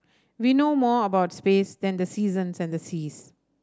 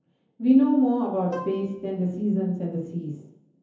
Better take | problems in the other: first | background sound (Plucked string instrument); 16 dB below the speech // room echo; dies away in 0.7 s

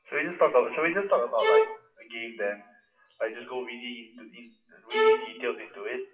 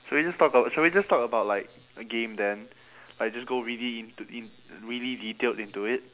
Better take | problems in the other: second | noise reduction (classical method WPE with log-MMSE)

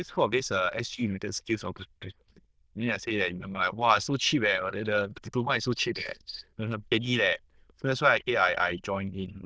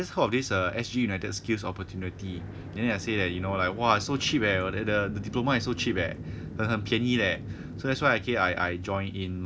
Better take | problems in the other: second | noise reduction (neural diffusion model UNIVERSE++)

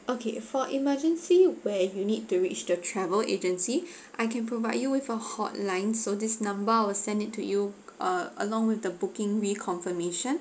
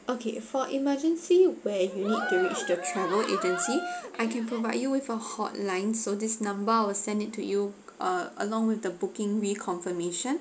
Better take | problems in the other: first | background sound (Cheering); 6 dB below the speech

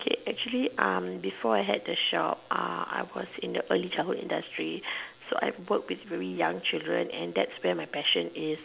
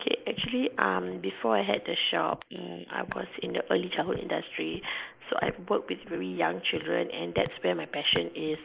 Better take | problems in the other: first | noise reduction (neural mask model Resemble Enhance denoiser)

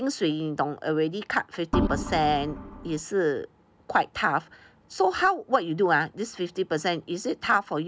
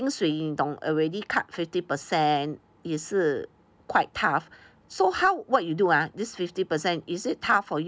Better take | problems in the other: second | background sound (Organ); 3 dB below the speech

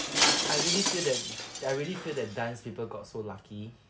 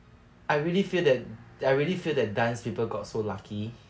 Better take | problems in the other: second | background sound (Shatter); 3 dB above the speech

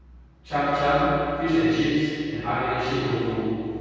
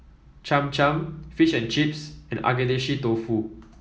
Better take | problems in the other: second | room echo; dies away in 2.2 s

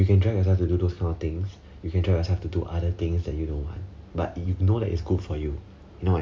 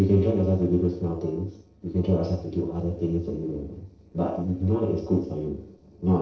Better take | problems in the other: first | noise reduction (neural separator model SepFormer DNS4)

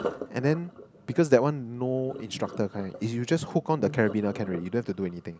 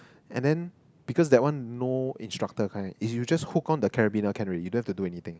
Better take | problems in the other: second | background sound (Sink (filling or washing)); 14 dB below the speech

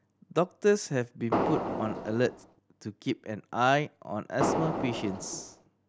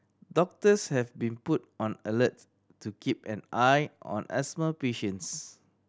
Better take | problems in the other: second | background sound (Fireworks); 1 dB below the speech

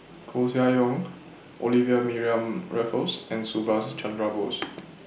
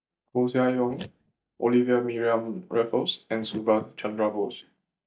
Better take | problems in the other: first | noise reduction (neural mask model DeepFilterNet 3)

